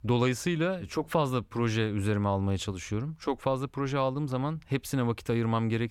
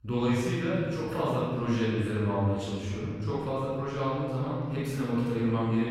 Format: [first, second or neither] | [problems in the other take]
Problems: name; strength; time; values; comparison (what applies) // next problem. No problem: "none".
first | room echo; strong; dies away in 1.9 s // off-mic speech; far